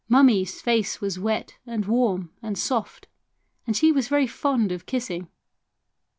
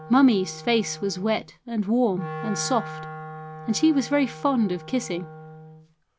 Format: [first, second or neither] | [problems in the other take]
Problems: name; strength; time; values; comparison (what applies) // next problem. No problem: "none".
first | background sound (Wind instrument, woodwind instrument); 14 dB below the speech